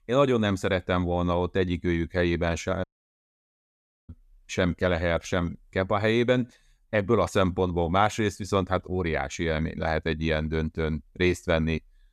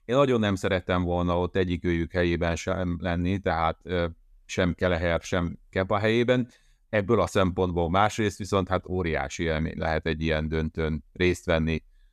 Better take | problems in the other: second | audio cutting out; at 3 s for 1.5 s

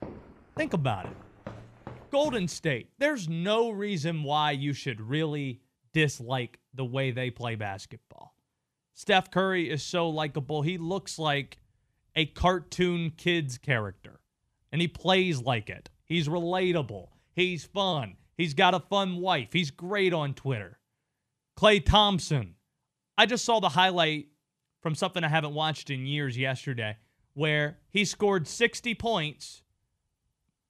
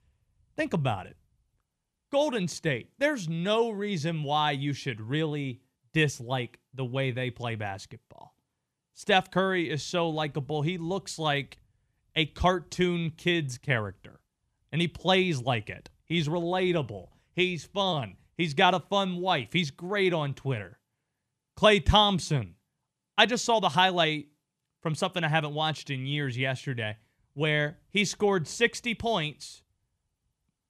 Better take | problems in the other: second | footsteps; faint; until 2.5 s; peak 15 dB below the speech

